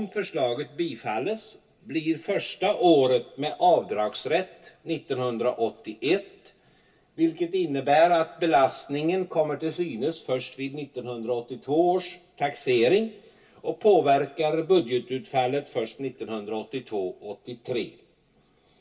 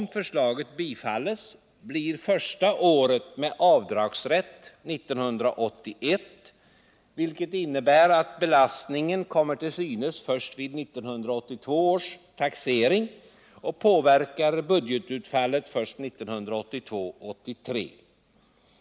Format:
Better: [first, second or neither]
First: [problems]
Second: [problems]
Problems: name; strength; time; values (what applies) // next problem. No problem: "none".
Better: second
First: room echo; dies away in 0.1 s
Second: none